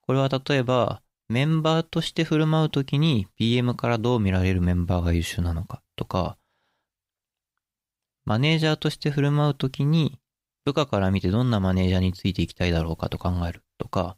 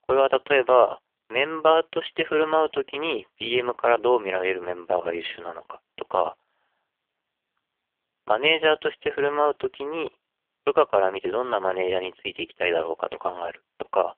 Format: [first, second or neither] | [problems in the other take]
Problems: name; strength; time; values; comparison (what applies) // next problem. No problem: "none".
first | phone-call audio; poor line; nothing above 3 kHz